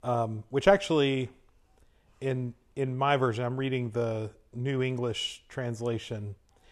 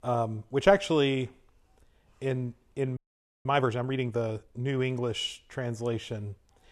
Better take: first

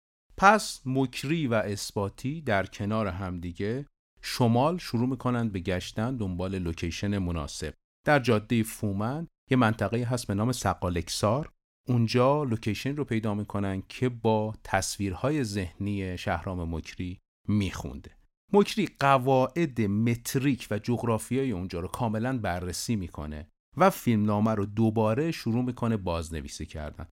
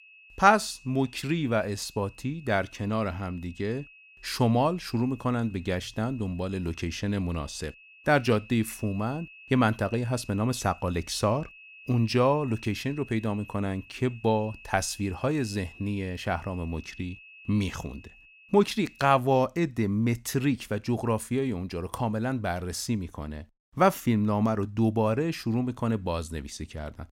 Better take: first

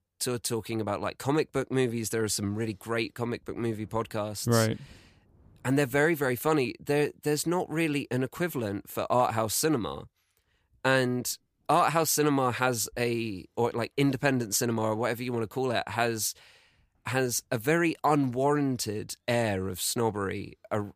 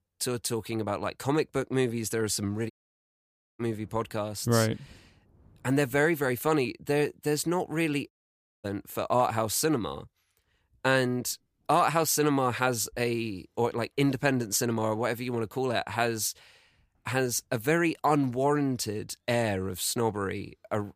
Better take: first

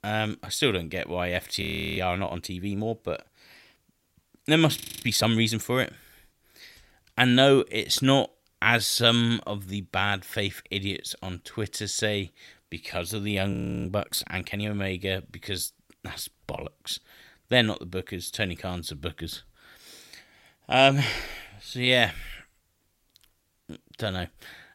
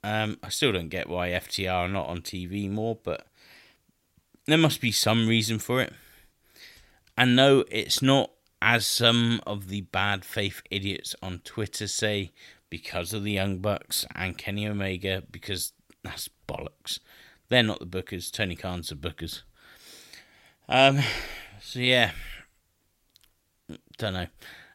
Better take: second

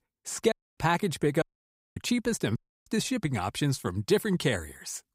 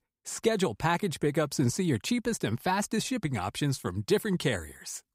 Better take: second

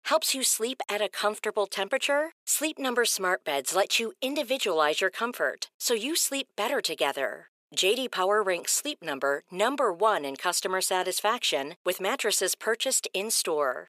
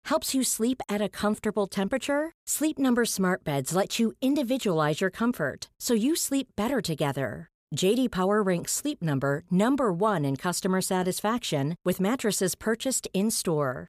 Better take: second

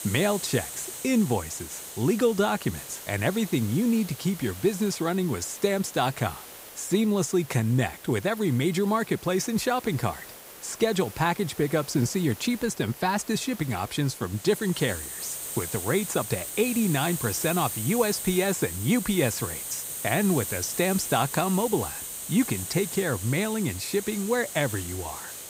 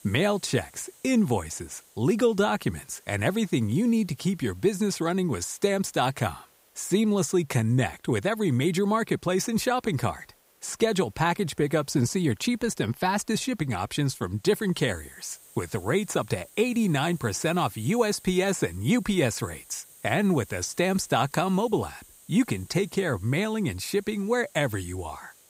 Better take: second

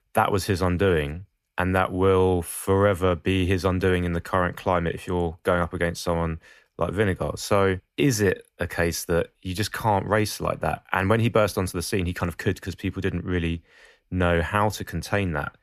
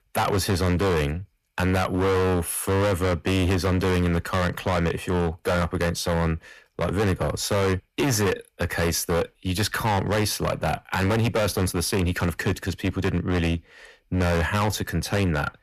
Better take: first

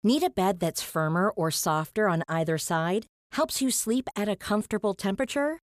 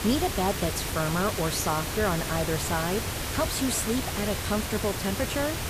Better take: first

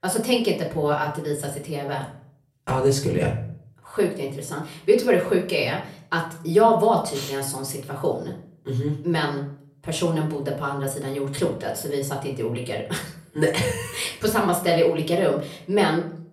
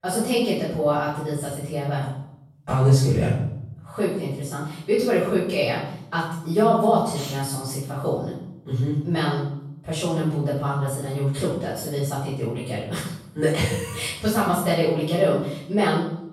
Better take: first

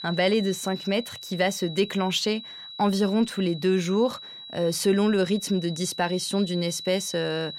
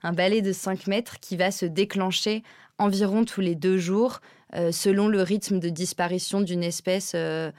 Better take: second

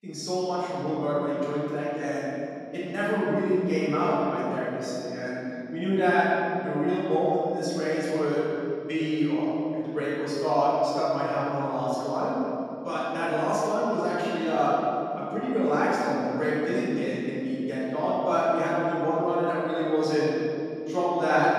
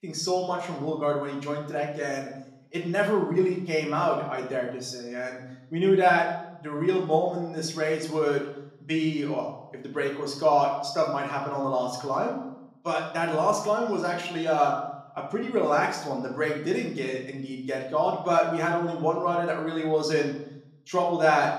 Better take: second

